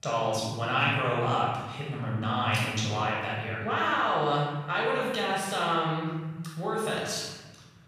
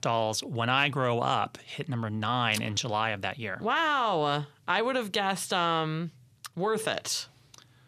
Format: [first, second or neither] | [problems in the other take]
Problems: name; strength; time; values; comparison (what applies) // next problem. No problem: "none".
second | off-mic speech; far // room echo; strong; dies away in 1.2 s